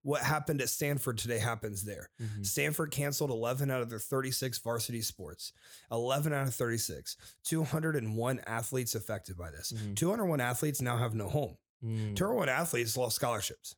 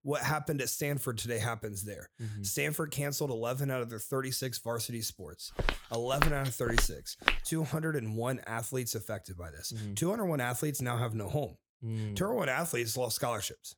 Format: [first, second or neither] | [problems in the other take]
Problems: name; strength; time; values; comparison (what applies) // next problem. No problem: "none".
first | footsteps; loud; from 5.5 to 7.5 s; peak 3 dB above the speech